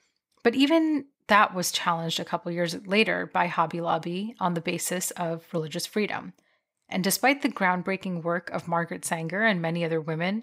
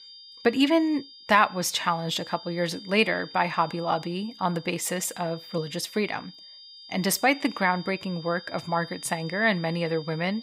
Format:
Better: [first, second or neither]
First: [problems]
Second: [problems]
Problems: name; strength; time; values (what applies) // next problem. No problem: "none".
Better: first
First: none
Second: high-pitched whine; noticeable; throughout; 5 kHz, 15 dB below the speech